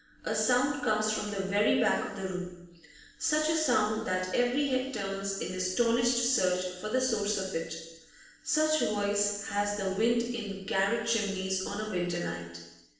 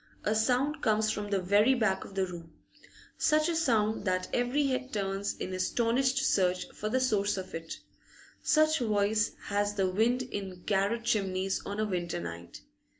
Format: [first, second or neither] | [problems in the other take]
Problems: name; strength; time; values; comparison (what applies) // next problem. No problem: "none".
second | room echo; dies away in 0.9 s